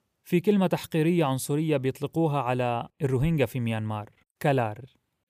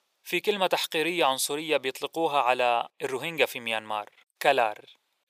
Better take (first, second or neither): first